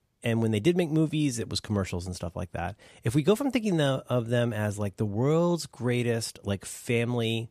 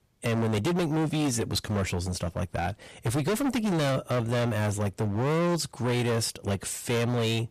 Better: first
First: none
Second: distortion; heavy; 28% of the sound clipped

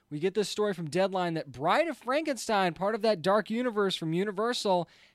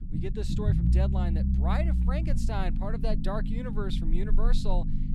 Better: first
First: none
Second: low rumble; loud; throughout; 4 dB below the speech

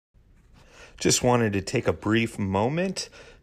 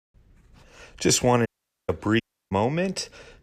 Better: first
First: none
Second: audio cutting out; at 1.5 s and at 2 s

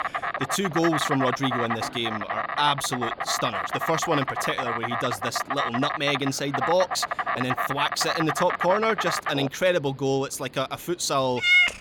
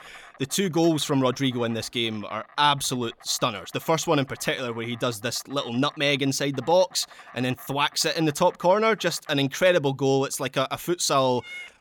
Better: second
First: animal sounds; loud; throughout; 1 dB below the speech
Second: animal sounds; faint; throughout; 25 dB below the speech

